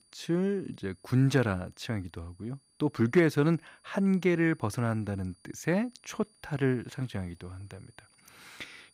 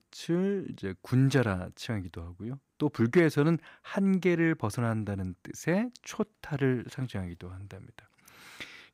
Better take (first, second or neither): second